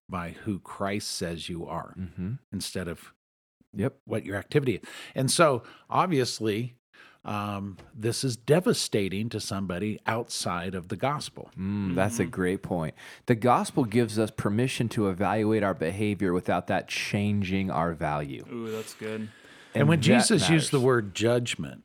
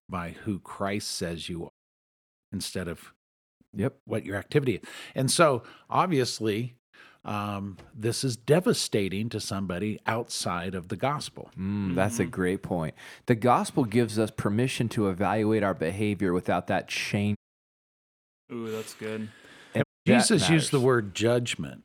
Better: first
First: none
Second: audio cutting out; at 1.5 s for 0.5 s, at 17 s for 1 s and at 20 s

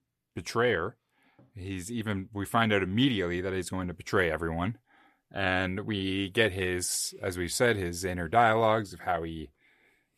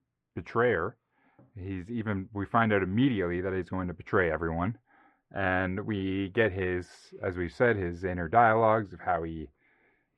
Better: first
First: none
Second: muffled; very; fading above 1.5 kHz

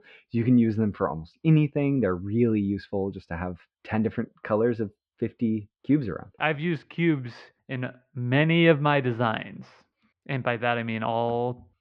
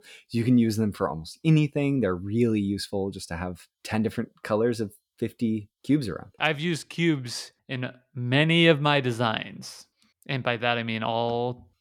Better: second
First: muffled; very; fading above 2.5 kHz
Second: none

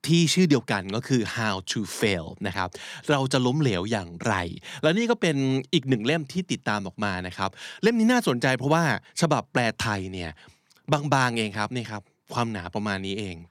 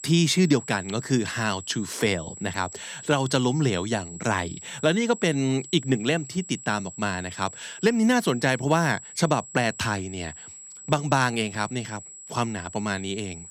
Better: first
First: none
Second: high-pitched whine; noticeable; throughout; 7.5 kHz, 15 dB below the speech

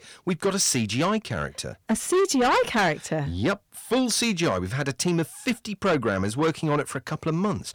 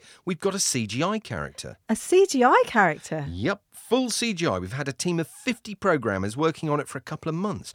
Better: second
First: distortion; heavy; 8 dB below the speech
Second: none

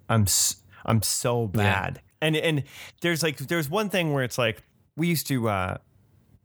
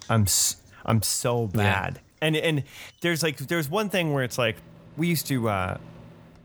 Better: first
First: none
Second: household noises; faint; throughout; 25 dB below the speech

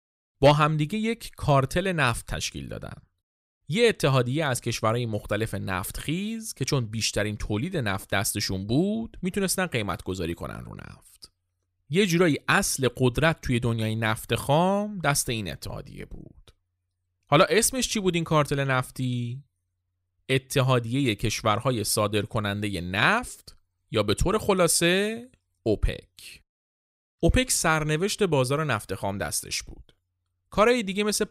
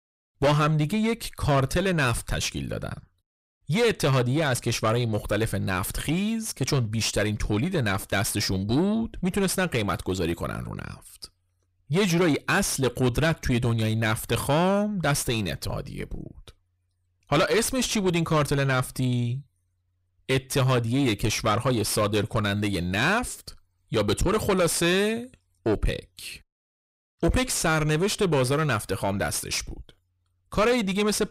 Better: first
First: none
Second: distortion; heavy; 7 dB below the speech

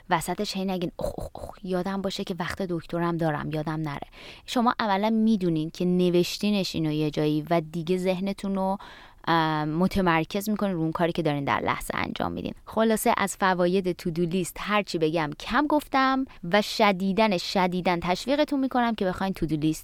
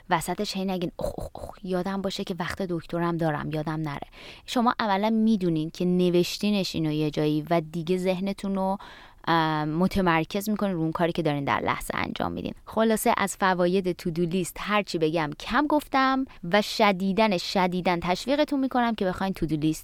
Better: neither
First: none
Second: none

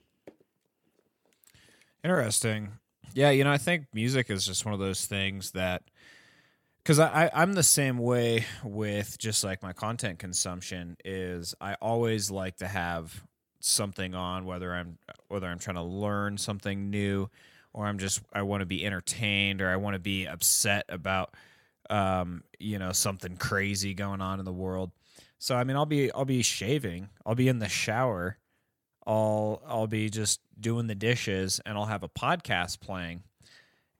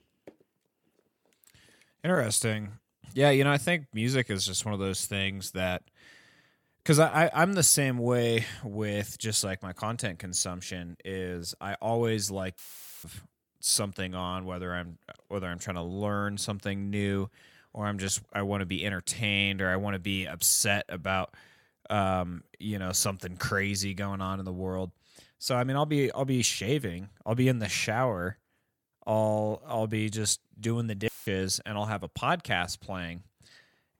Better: first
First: none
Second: audio cutting out; filled with static; at 13 s and at 31 s

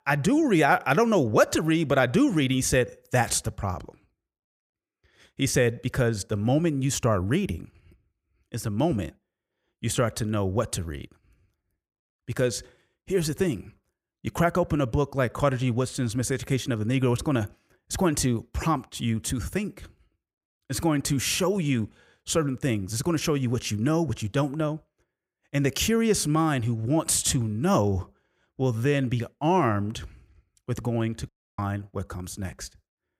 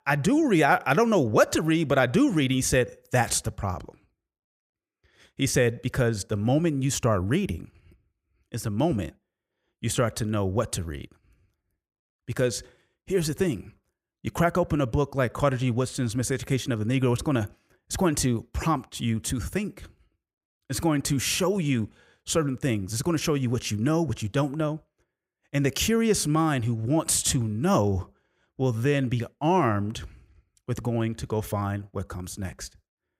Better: second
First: audio cutting out; at 31 s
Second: none

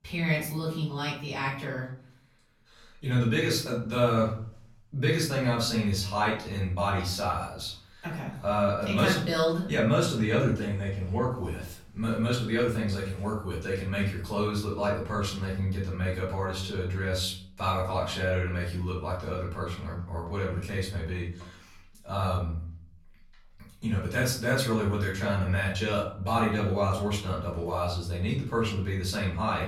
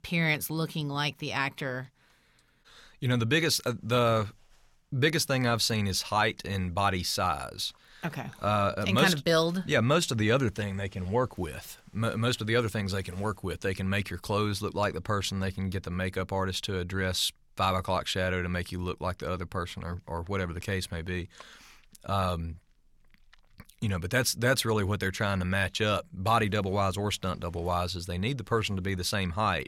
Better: second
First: off-mic speech; far // room echo; noticeable; dies away in 0.5 s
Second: none

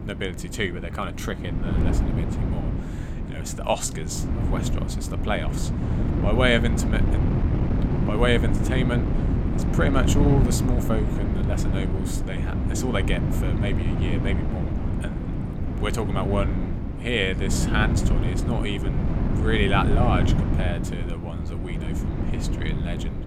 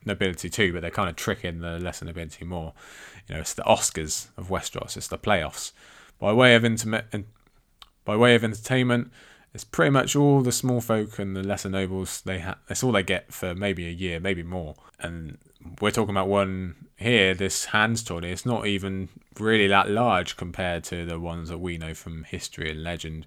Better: second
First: wind noise on the microphone; heavy; 5 dB below the speech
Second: none

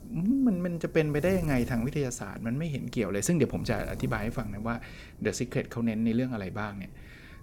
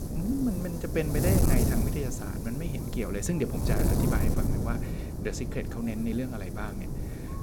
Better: first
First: wind noise on the microphone; occasional gusts; 20 dB below the speech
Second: wind noise on the microphone; heavy; 2 dB below the speech

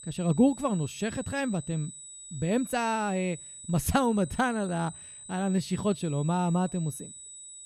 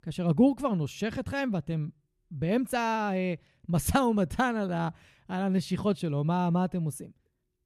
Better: second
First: high-pitched whine; noticeable; throughout; 8 kHz, 15 dB below the speech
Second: none

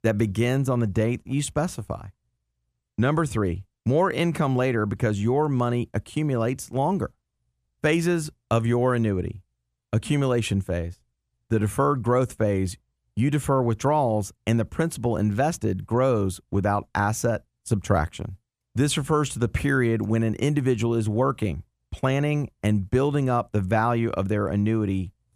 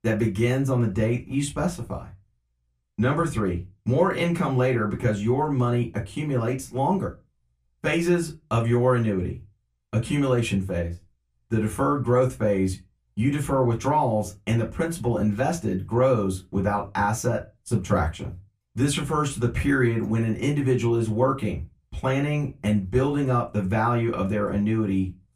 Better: first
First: none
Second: off-mic speech; far // room echo; very slight; dies away in 0.2 s

